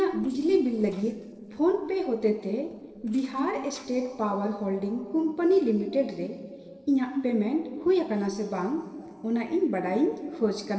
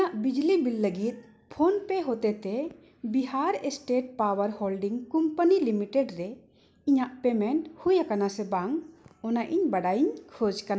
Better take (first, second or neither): second